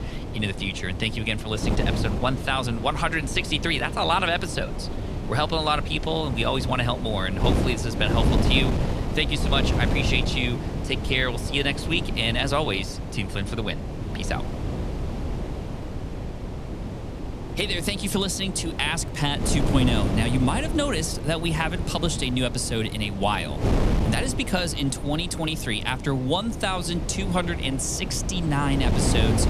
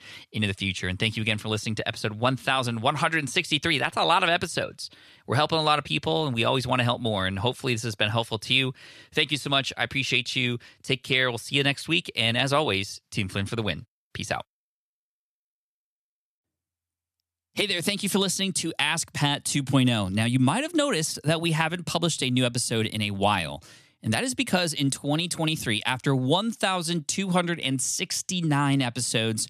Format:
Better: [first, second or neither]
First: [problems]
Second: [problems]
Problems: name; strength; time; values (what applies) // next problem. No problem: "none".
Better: second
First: wind noise on the microphone; heavy; 9 dB below the speech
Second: none